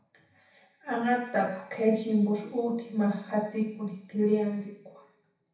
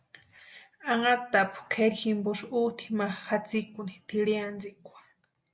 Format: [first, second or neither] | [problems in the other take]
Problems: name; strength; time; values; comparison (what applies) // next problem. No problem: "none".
second | room echo; dies away in 0.7 s